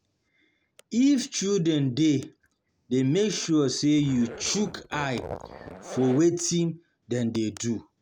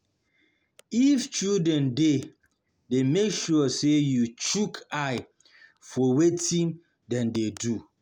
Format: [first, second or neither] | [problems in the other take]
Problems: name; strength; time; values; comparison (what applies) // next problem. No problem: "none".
second | background sound (Zipper (clothing)); 14 dB below the speech